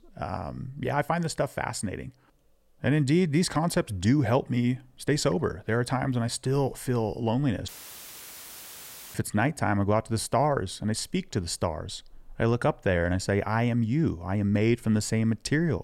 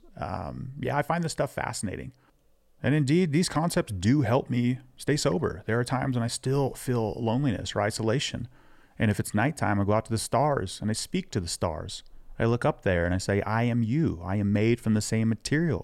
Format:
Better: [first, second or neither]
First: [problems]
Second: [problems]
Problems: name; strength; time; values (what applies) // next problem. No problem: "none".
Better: second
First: audio cutting out; filled with static; at 7.5 s for 1.5 s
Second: none